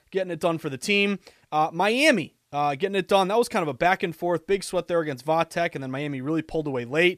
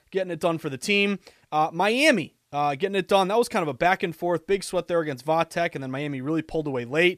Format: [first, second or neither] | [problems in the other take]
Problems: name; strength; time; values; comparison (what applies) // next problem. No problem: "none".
neither | none